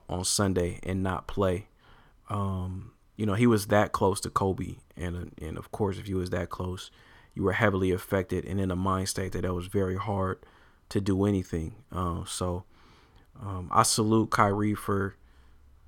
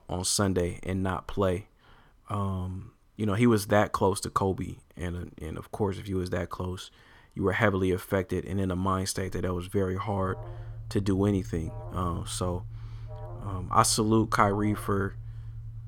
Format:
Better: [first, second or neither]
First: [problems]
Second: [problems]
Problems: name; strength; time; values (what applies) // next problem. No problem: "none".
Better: first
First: none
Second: alarm; faint; from 10 s on; peak 10 dB below the speech